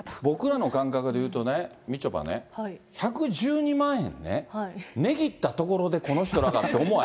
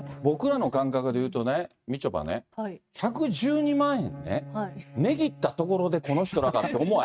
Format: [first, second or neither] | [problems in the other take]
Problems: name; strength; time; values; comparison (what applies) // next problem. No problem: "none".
first | noise reduction (neural mask model RNNoise)